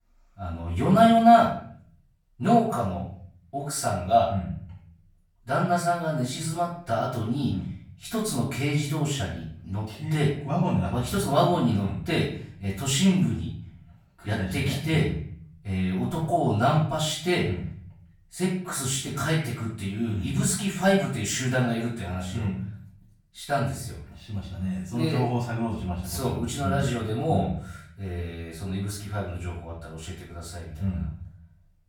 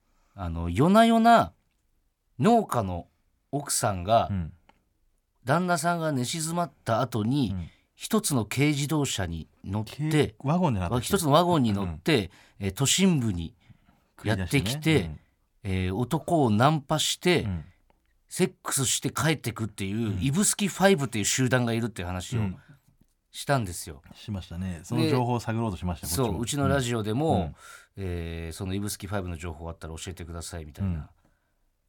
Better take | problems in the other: second | room echo; noticeable; dies away in 0.5 s // off-mic speech; far

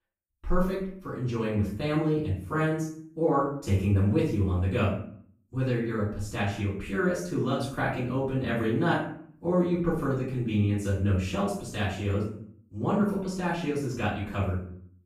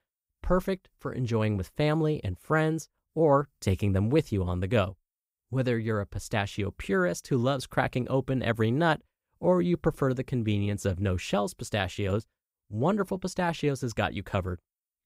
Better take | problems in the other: second | off-mic speech; far // room echo; noticeable; dies away in 0.5 s

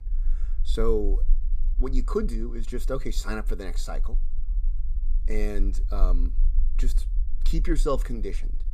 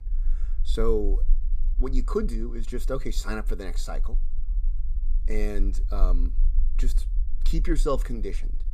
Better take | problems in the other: neither | low rumble; faint; throughout; 25 dB below the speech; the same in both

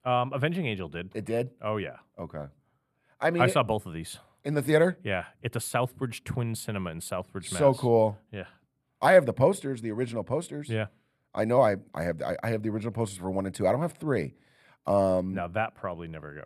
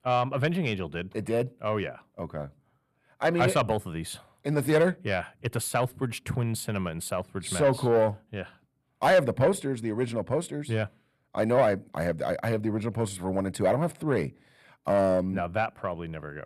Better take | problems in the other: first | distortion; slight; 10 dB below the speech

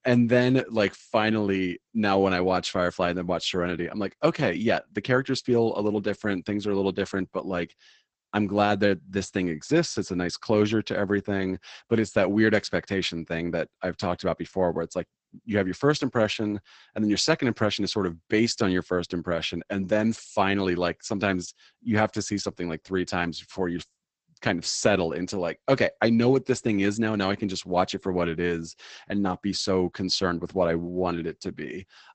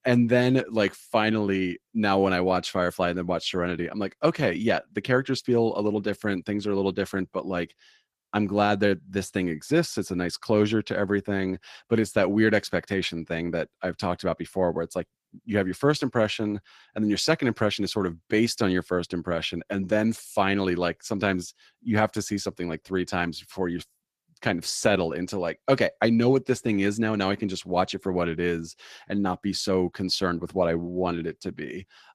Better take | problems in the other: second | garbled, watery; badly; nothing above 8 kHz; slightly in the second

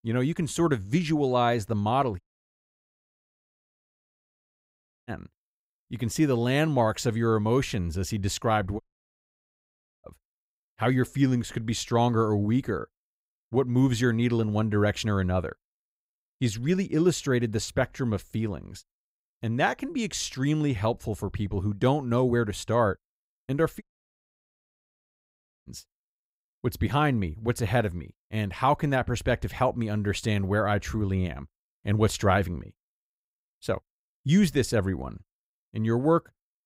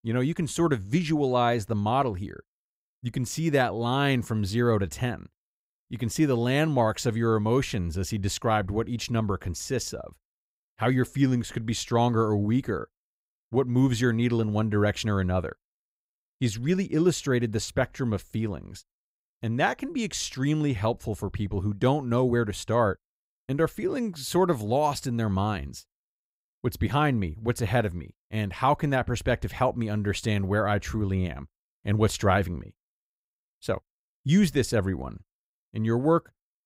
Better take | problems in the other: second | audio cutting out; at 2 s for 3 s, at 9 s for 1 s and at 24 s for 2 s

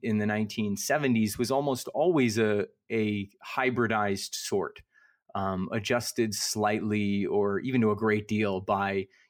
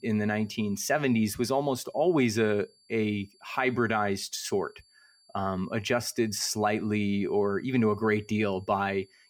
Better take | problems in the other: first | high-pitched whine; faint; throughout; 4.5 kHz, 30 dB below the speech

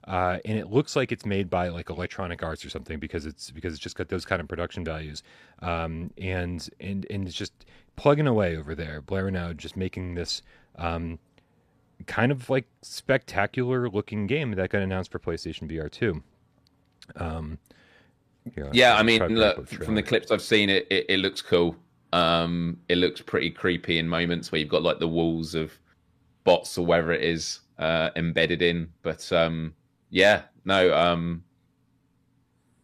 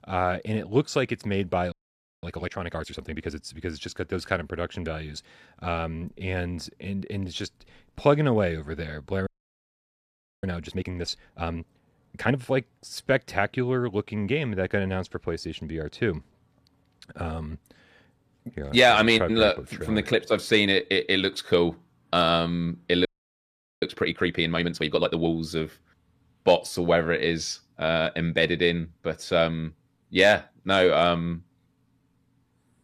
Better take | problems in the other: first | audio freezing; at 1.5 s for 0.5 s, at 9.5 s for 1 s and at 23 s for 1 s

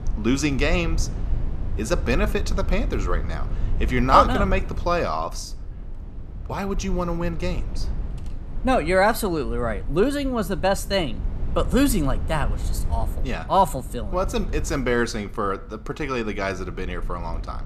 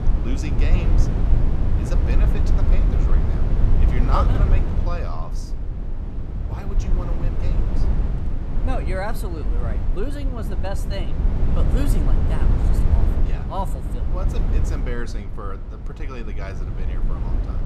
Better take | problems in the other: first | low rumble; loud; throughout; 2 dB below the speech; faint in the first

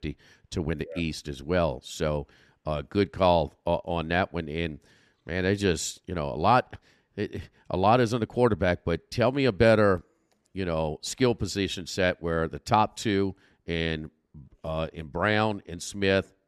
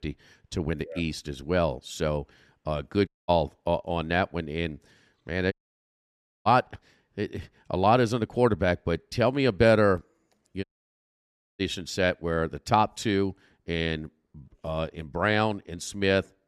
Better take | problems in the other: first | audio cutting out; at 3 s, at 5.5 s for 1 s and at 11 s for 1 s

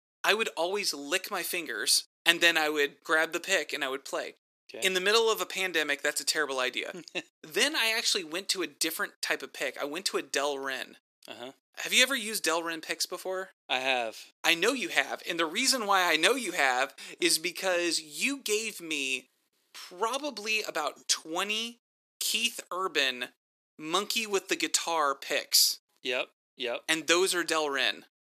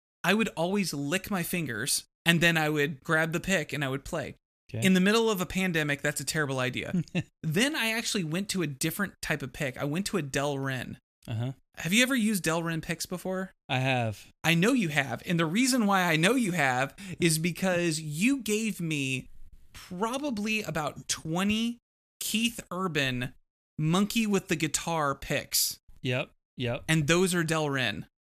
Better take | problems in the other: second | thin; very; fading below 350 Hz

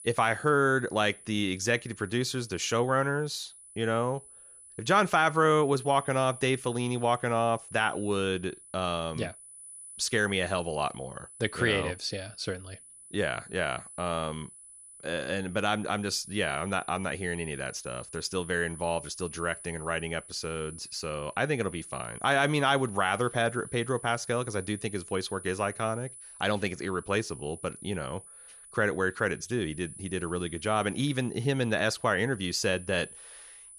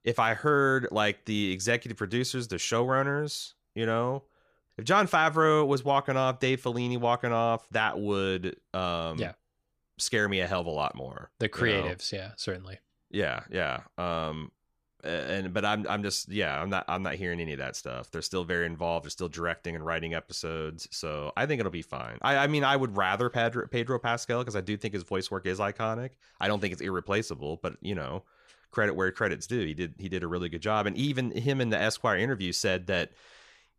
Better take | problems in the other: second | high-pitched whine; noticeable; throughout; 10 kHz, 15 dB below the speech

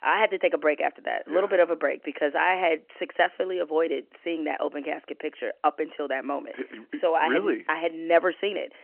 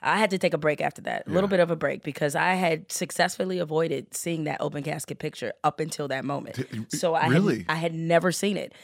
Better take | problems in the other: second | phone-call audio

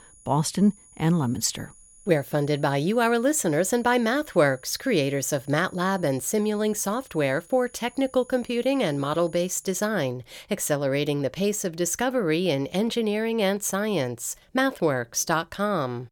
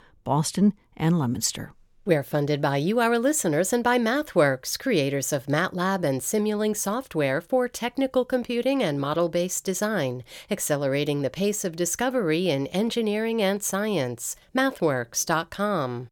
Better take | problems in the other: second | high-pitched whine; faint; until 10 s; 10 kHz, 25 dB below the speech

